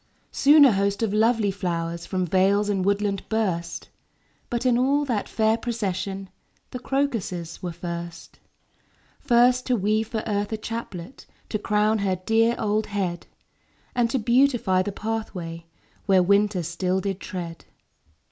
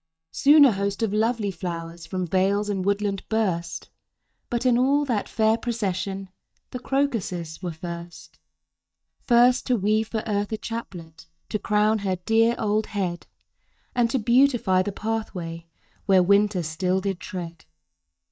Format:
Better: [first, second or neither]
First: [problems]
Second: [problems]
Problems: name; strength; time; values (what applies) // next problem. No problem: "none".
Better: first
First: none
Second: noise reduction (neural mask model DeepFilterNet 3)